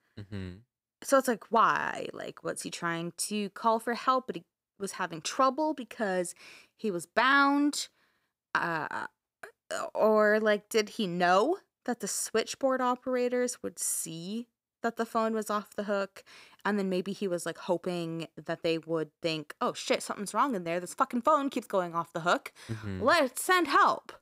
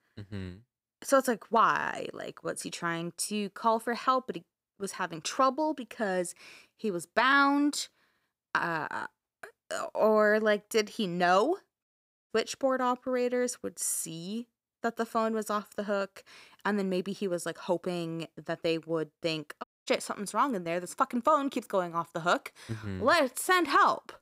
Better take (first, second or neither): first